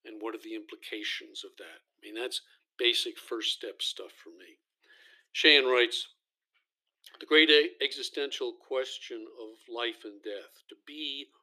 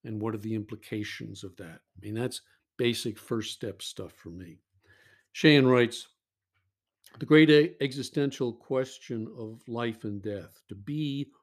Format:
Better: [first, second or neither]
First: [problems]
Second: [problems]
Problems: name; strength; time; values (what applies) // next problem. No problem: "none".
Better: second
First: thin; very; fading below 350 Hz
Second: none